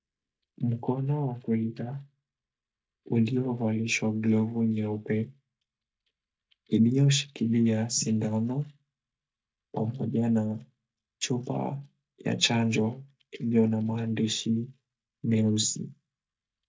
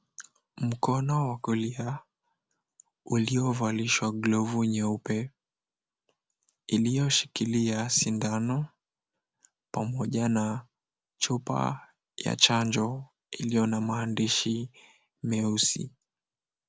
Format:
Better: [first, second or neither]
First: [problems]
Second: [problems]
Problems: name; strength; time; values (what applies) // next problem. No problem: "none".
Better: second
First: noise reduction (neural mask model DeepFilterNet 3)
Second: none